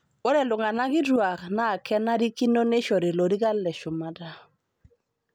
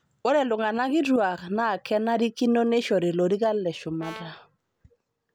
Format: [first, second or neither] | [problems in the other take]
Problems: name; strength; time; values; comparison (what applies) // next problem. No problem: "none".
first | background sound (Brass instrument); 19 dB below the speech